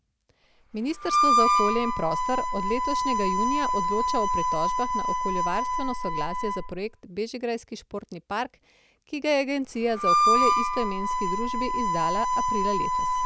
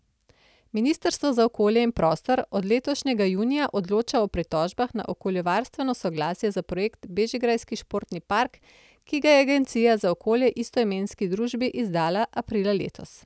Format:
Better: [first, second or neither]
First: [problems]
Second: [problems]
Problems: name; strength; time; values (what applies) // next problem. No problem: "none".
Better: second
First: background sound (Harmonica); 4 dB above the speech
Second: none